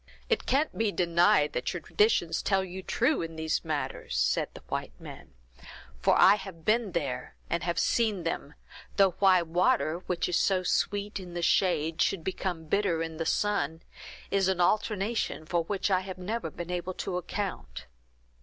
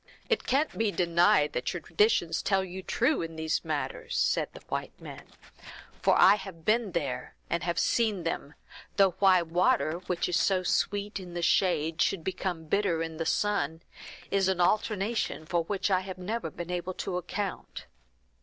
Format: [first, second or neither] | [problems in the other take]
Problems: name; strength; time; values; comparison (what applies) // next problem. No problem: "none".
first | noise reduction (neural separator model SepFormer DNS4)